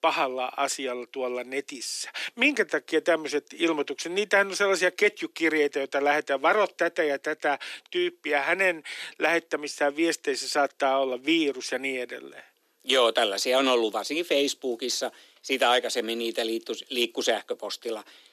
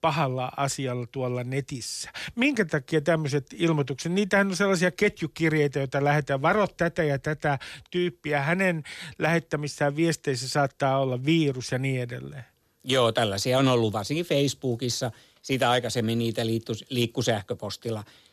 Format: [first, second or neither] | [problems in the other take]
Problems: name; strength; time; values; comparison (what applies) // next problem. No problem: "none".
second | thin; somewhat; fading below 300 Hz